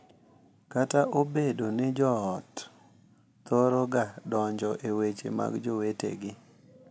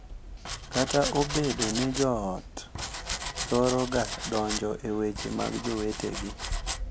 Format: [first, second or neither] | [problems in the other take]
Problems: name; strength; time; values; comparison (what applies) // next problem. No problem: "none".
first | background sound (Domestic sounds, home sounds); 5 dB below the speech